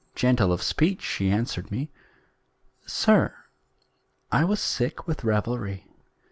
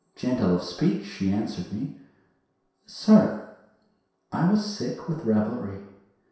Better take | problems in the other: first | room echo; dies away in 0.7 s

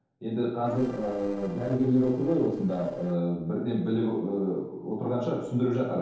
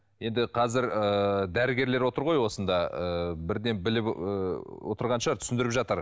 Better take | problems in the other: second | noise reduction (neural separator model SepFormer DNS4)

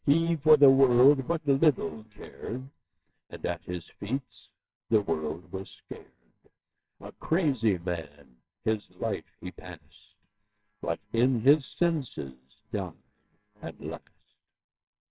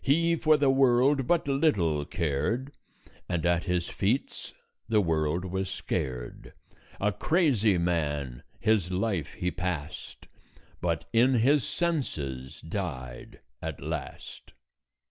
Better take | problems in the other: second | noise reduction (neural separator model SepFormer WHAMR!)

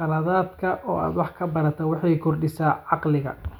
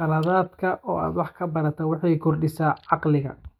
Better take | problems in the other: first | noise reduction (neural mask model DeepFilterNet 3)

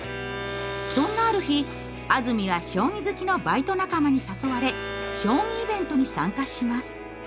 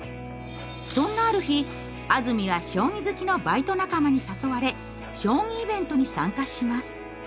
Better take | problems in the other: second | background sound (Bowed string instrument); 11 dB below the speech

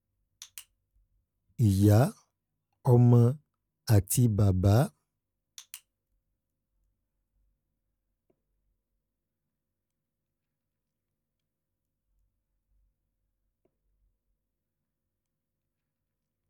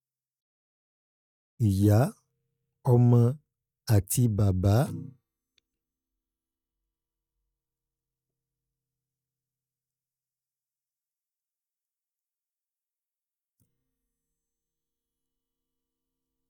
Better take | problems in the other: first | noise reduction (neural mask model DeepFilterNet 3)

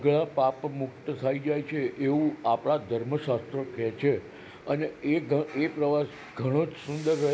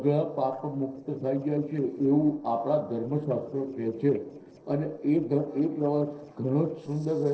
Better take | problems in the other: first | noise reduction (neural separator model SepFormer DNS4)

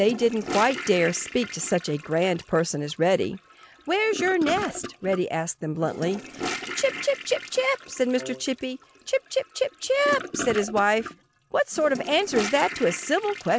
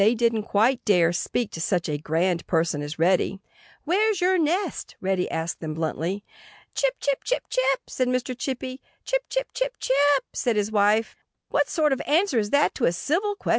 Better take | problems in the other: second | background sound (Wind instrument, woodwind instrument + Toilet flush / Gurgling); 12 dB below the speech

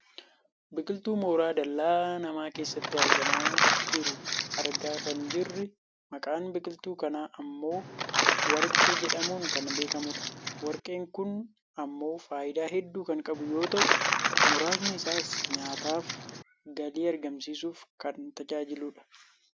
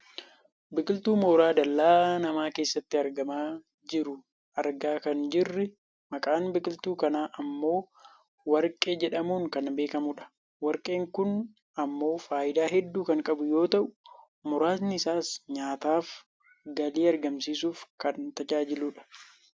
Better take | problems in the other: second | background sound (Crumpling, crinkling); 5 dB above the speech

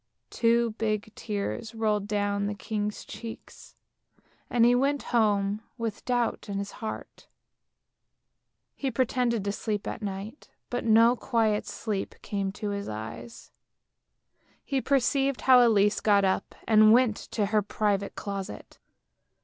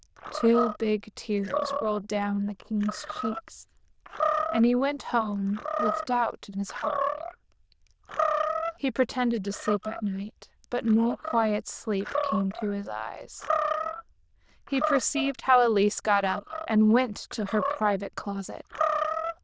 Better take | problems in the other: first | noise reduction (neural diffusion model UNIVERSE++)

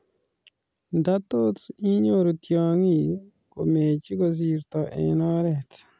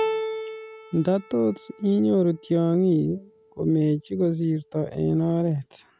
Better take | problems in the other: first | background sound (Keyboard (musical)); 12 dB below the speech

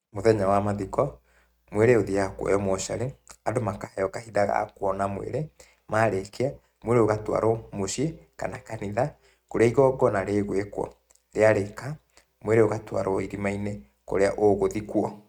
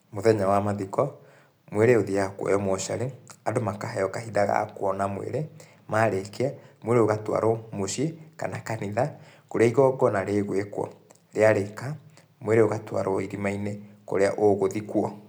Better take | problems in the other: second | noise reduction (neural mask model RNNoise)

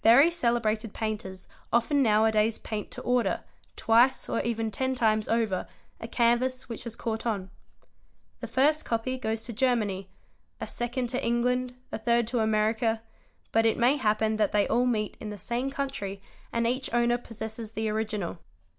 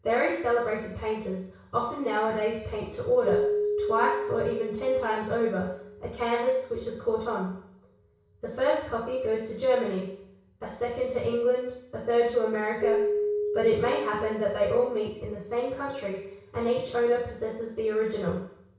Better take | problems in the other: first | background sound (Keyboard (musical)); 7 dB below the speech // room echo; dies away in 0.6 s

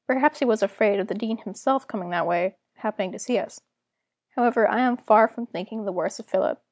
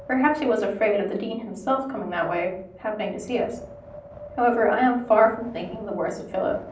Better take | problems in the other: first | background sound (Wind); 20 dB below the speech // room echo; dies away in 0.6 s

